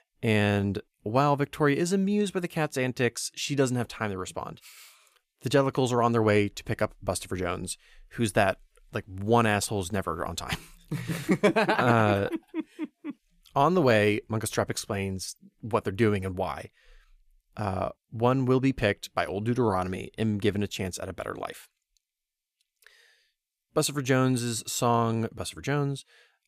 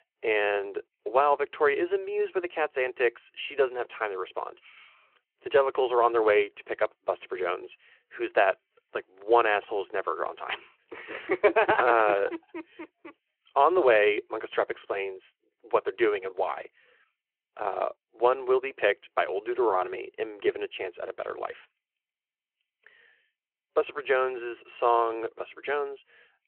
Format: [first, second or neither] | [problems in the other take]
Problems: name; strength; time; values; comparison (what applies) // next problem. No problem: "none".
first | phone-call audio